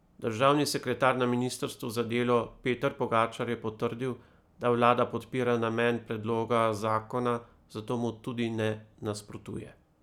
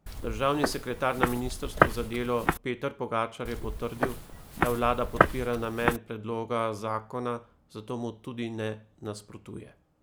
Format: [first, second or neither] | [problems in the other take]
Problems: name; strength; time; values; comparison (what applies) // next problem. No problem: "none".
first | background sound (Walk, footsteps); 2 dB above the speech